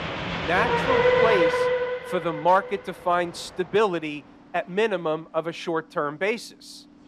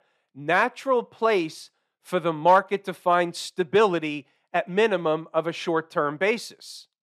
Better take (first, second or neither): second